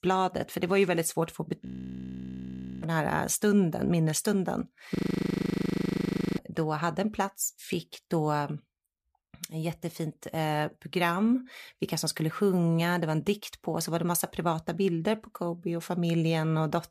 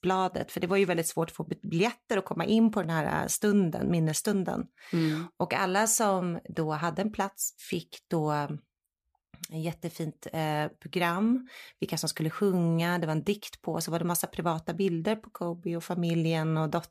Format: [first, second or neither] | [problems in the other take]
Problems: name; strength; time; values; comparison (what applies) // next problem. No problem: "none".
second | audio freezing; at 1.5 s for 1 s and at 5 s for 1.5 s